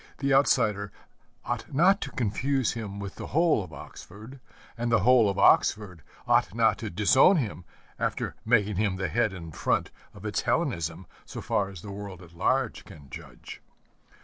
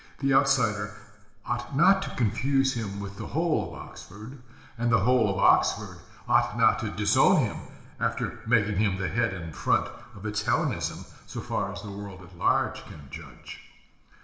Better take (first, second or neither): first